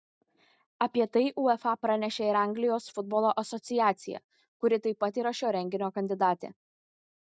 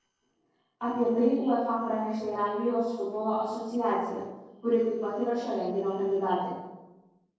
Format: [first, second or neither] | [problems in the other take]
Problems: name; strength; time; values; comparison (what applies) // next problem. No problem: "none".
first | noise reduction (neural separator model SepFormer DNS4)